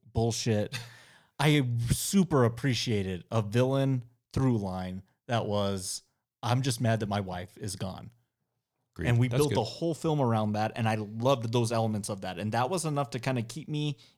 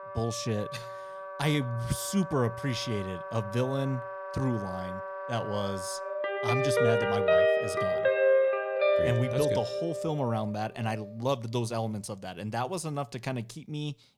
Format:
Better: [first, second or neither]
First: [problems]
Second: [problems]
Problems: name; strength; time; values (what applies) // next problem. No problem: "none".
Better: first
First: none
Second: background music; very loud; throughout; 2 dB above the speech